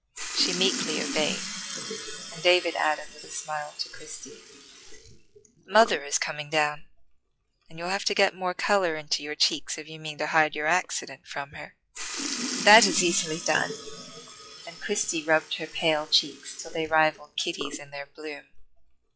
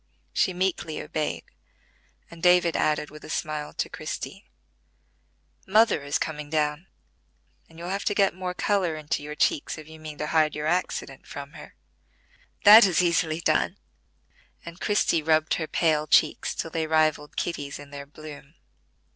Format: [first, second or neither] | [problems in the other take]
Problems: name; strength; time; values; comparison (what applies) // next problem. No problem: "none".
second | noise reduction (classical method log-MMSE)